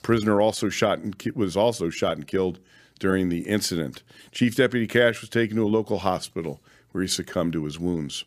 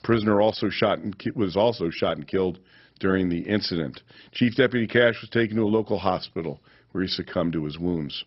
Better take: first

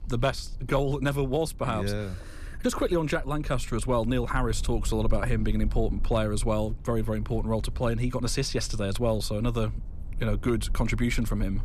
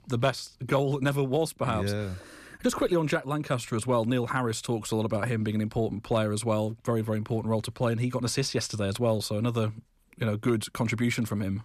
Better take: second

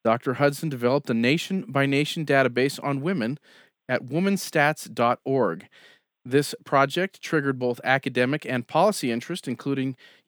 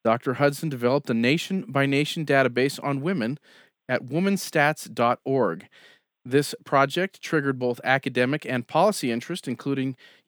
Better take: neither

